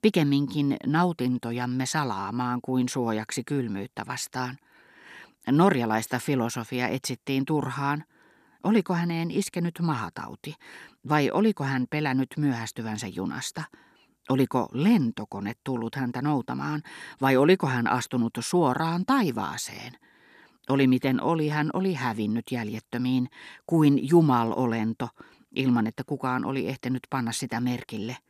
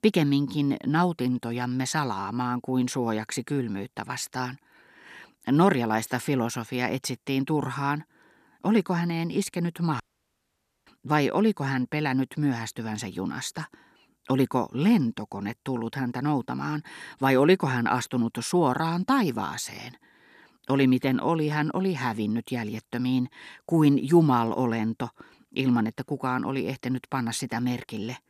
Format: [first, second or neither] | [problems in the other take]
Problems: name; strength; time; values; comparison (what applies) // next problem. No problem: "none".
first | audio cutting out; at 10 s for 1 s